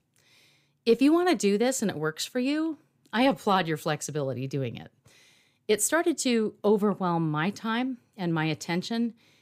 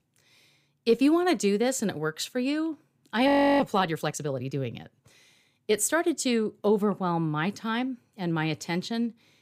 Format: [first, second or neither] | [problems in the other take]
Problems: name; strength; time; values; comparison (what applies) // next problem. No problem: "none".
first | audio freezing; at 3.5 s